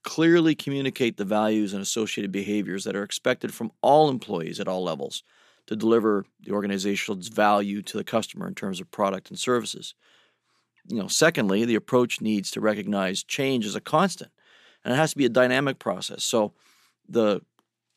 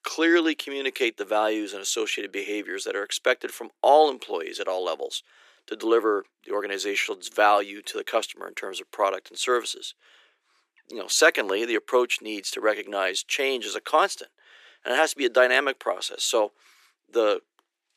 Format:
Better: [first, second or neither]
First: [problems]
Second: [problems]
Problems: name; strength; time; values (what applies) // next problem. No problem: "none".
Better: first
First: none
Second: thin; very; fading below 350 Hz